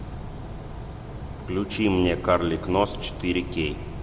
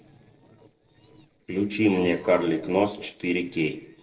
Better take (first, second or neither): first